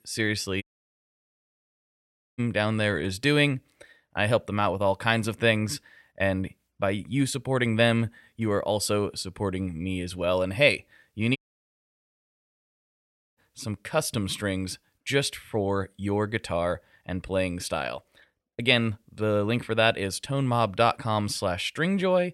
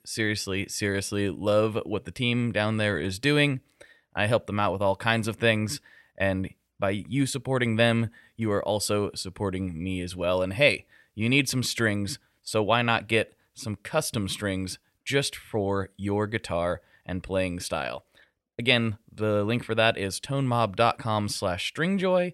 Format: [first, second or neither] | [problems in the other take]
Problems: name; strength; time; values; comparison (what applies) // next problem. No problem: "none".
second | audio cutting out; at 0.5 s for 2 s and at 11 s for 2 s